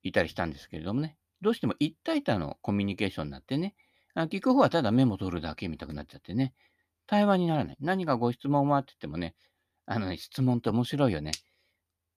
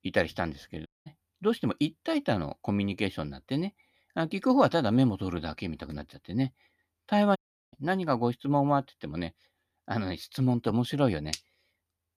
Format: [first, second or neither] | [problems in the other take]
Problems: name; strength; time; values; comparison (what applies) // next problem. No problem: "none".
first | audio cutting out; at 1 s and at 7.5 s